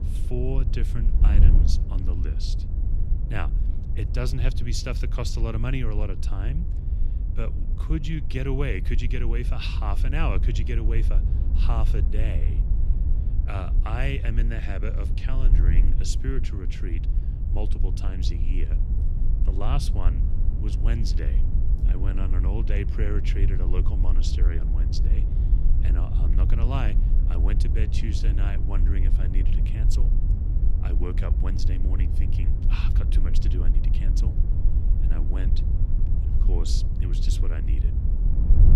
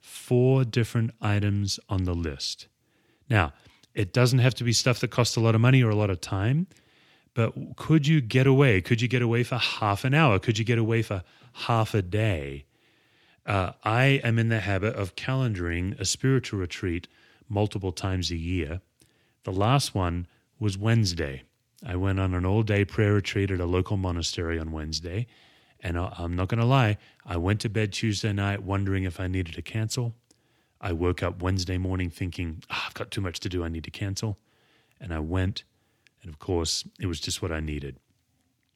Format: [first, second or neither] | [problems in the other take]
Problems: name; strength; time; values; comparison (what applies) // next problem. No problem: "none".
second | wind noise on the microphone; heavy; 6 dB below the speech